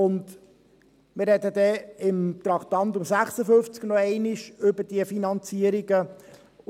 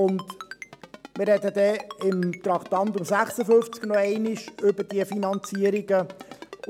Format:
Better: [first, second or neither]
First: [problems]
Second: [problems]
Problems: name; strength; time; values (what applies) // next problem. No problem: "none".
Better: first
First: none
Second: background sound (Ringtone); 17 dB below the speech